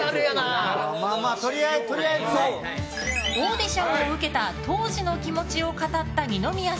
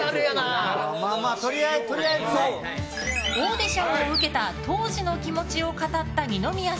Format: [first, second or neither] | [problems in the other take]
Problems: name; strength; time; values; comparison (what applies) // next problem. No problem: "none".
first | background sound (Bird); 10 dB below the speech